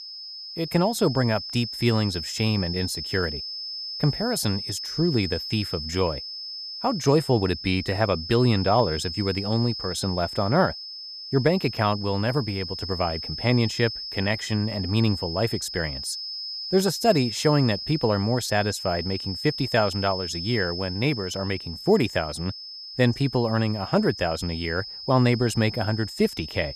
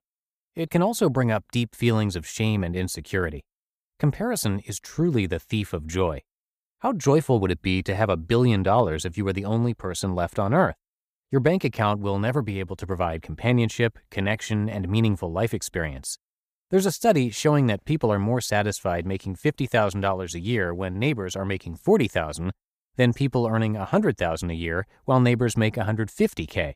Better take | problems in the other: second | high-pitched whine; loud; throughout; 5 kHz, 7 dB below the speech

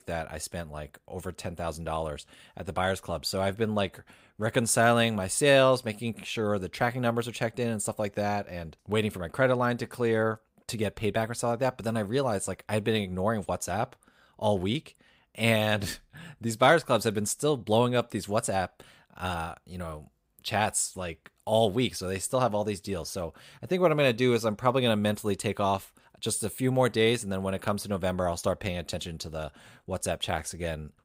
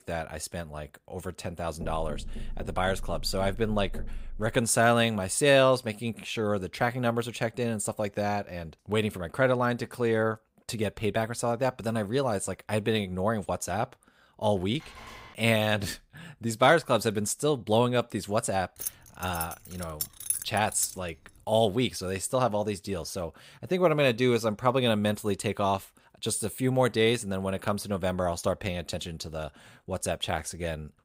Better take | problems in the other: first | door banging; faint; from 2 to 4.5 s; peak 10 dB below the speech // phone ringing; faint; at 15 s; peak 15 dB below the speech // jangling keys; noticeable; from 19 to 21 s; peak 1 dB below the speech

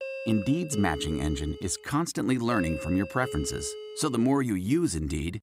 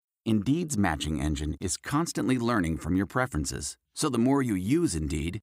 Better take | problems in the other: second | doorbell; noticeable; until 4.5 s; peak 8 dB below the speech

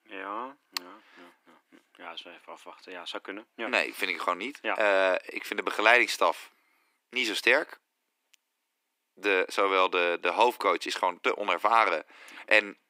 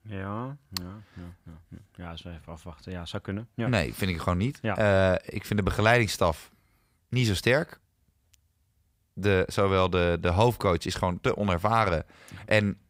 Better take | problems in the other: second | thin; very; fading below 300 Hz

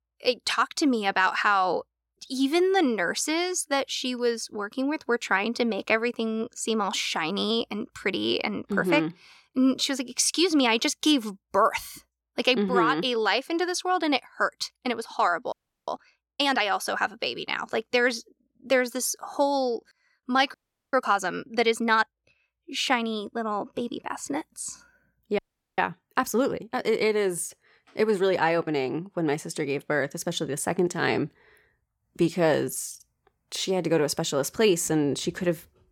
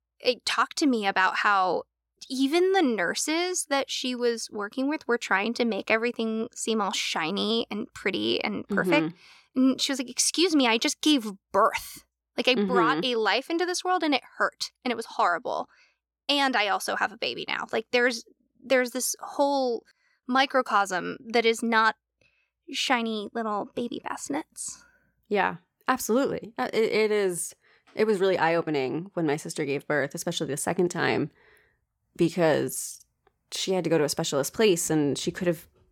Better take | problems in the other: second | audio freezing; at 16 s, at 21 s and at 25 s

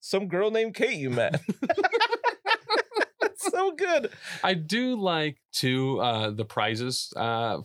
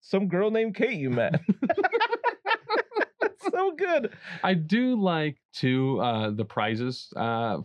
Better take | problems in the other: first | muffled; slightly; fading above 3 kHz

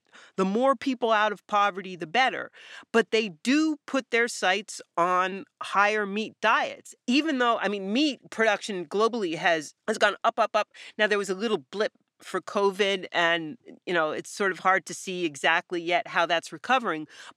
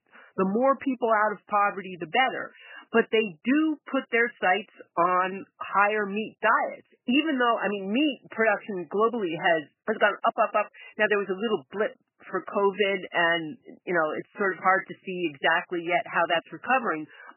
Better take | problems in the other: first | garbled, watery; badly; nothing above 3 kHz

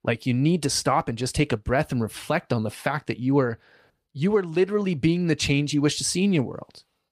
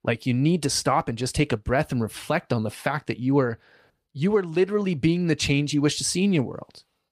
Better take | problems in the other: neither | none

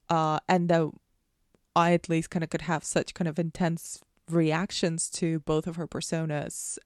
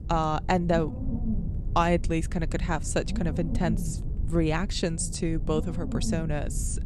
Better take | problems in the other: first | low rumble; noticeable; throughout; 15 dB below the speech

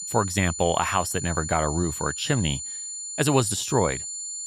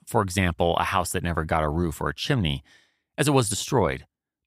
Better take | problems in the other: second | high-pitched whine; loud; throughout; 7 kHz, 6 dB below the speech

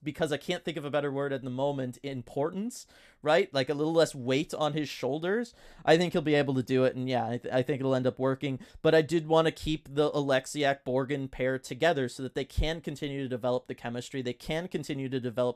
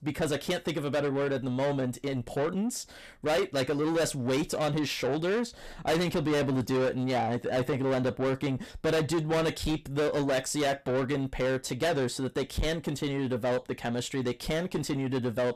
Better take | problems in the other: first | distortion; heavy; 6 dB below the speech

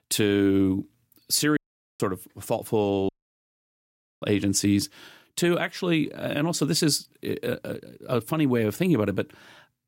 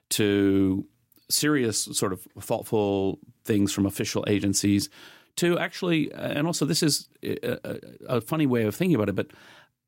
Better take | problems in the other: second | audio cutting out; at 1.5 s and at 3 s for 1 s

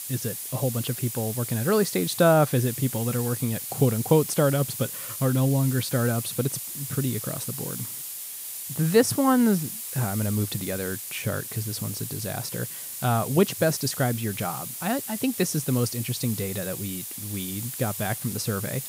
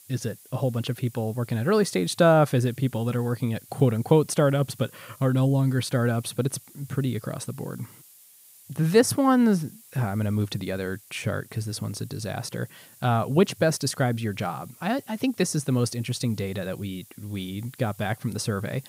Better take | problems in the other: second | hiss; loud; throughout; 6 dB below the speech; faint in the second

